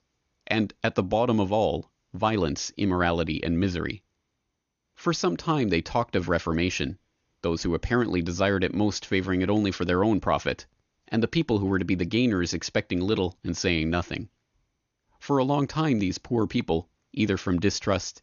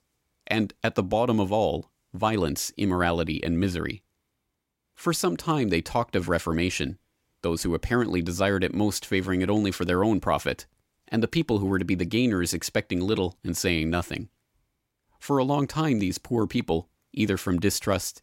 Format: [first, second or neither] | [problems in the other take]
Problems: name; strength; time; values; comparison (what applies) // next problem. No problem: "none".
second | garbled, watery; slightly; nothing above 6.5 kHz